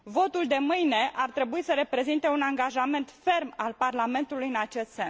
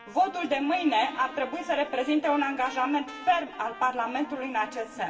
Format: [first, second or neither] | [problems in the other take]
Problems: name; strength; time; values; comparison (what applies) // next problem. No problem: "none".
first | background sound (Trumpet); 18 dB below the speech // room echo; dies away in 1.9 s